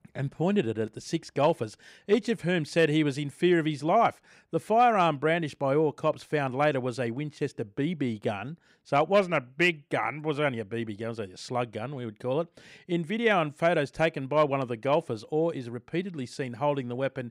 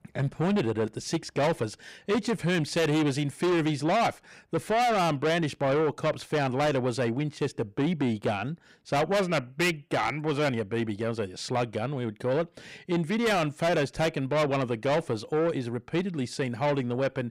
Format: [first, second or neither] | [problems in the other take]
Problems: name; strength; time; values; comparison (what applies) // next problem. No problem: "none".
first | distortion; heavy; 7 dB below the speech